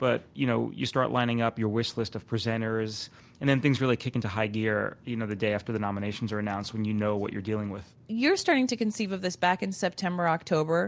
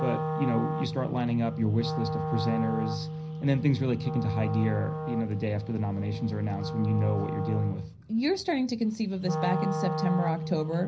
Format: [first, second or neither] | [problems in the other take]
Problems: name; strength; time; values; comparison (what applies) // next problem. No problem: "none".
first | background sound (Wind instrument, woodwind instrument); 5 dB below the speech // room echo; dies away in 0.5 s